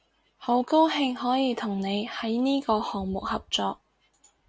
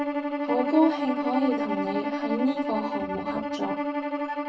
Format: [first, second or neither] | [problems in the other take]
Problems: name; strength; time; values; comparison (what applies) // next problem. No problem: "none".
first | background sound (Bowed string instrument); as loud as the speech // room echo; dies away in 0.3 s